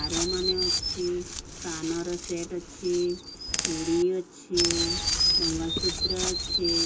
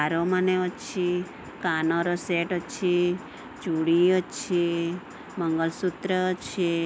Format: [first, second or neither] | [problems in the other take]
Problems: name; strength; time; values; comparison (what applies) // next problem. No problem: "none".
second | background sound (Chirp, tweet); 1 dB above the speech // room echo; dies away in 0.2 s